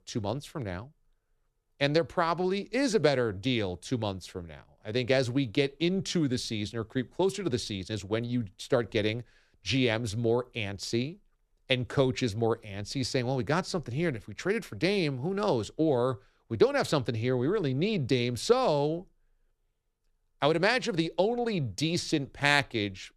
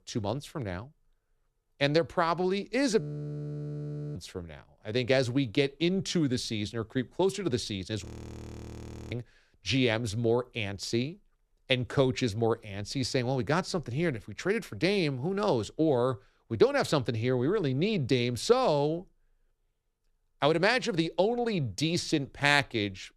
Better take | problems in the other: first | audio freezing; at 3 s for 1 s and at 8 s for 1 s

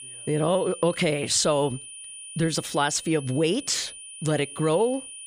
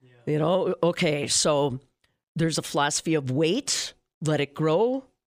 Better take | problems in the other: second | high-pitched whine; noticeable; throughout; 9.5 kHz, 15 dB below the speech

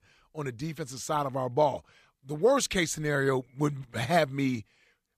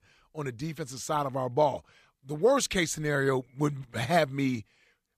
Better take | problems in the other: neither | none

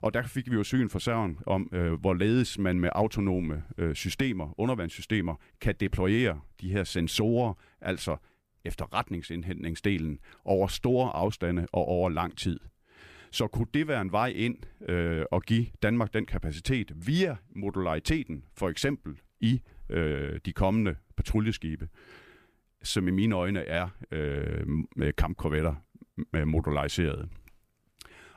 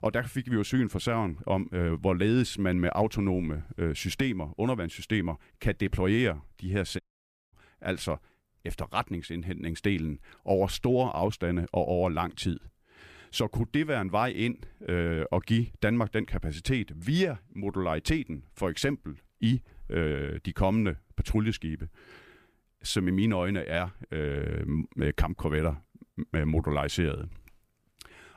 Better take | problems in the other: first | audio cutting out; at 7 s for 0.5 s

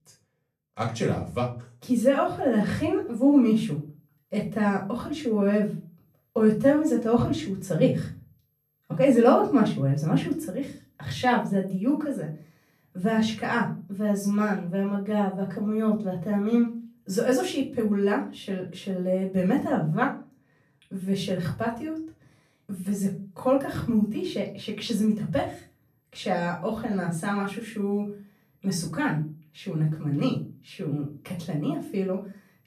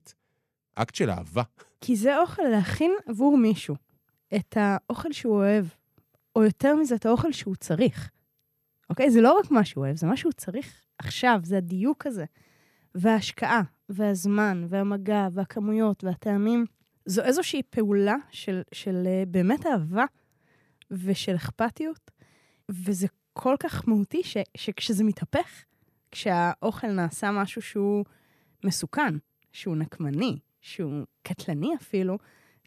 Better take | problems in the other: second | off-mic speech; far // room echo; slight; dies away in 0.3 s

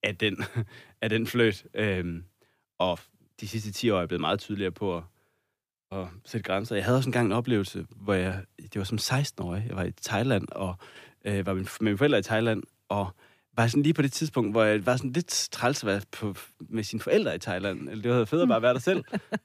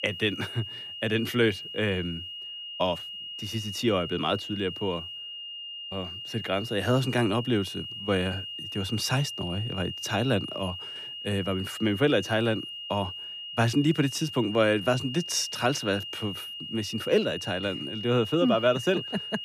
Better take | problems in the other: first | high-pitched whine; loud; throughout; 3 kHz, 8 dB below the speech

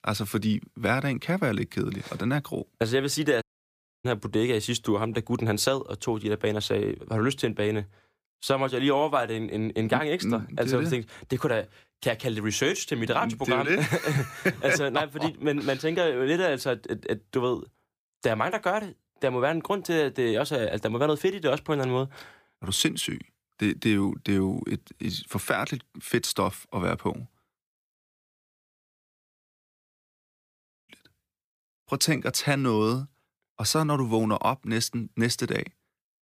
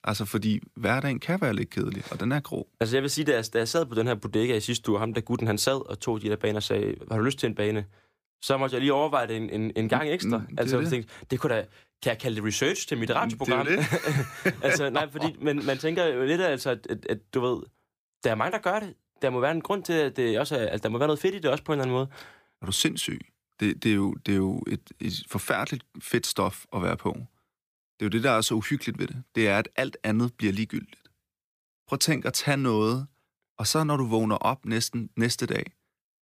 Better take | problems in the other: second | audio cutting out; at 3.5 s for 0.5 s and at 28 s for 3 s

